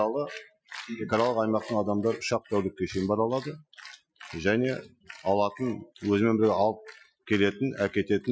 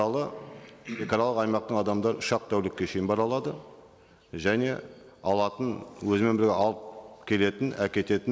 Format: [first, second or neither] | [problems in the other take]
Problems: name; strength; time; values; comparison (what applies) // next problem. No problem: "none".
second | noise reduction (classical method Wiener filter)